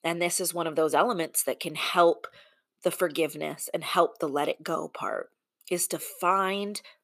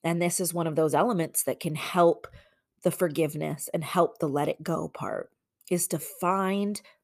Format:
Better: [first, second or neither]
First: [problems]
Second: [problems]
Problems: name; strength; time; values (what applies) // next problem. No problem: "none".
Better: second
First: thin; somewhat; fading below 300 Hz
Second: none